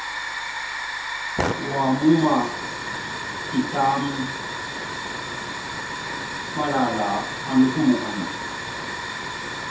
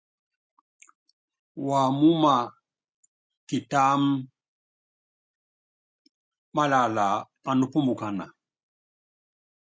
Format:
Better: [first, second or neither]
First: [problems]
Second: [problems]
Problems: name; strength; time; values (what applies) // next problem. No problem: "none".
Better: second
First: background sound (Hiss / Fire); 4 dB below the speech // room echo; dies away in 0.5 s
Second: none